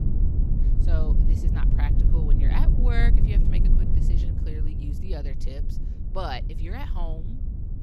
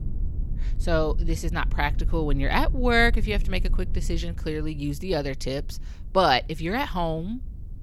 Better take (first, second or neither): second